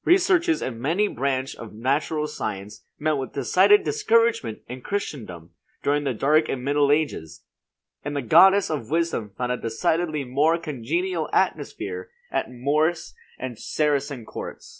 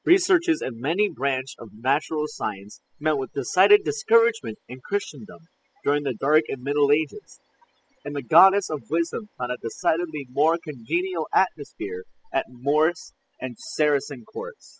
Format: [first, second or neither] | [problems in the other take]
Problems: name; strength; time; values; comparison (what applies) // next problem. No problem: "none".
first | noise reduction (classical method spectral subtraction)